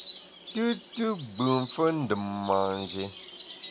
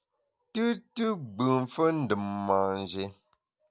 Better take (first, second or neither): second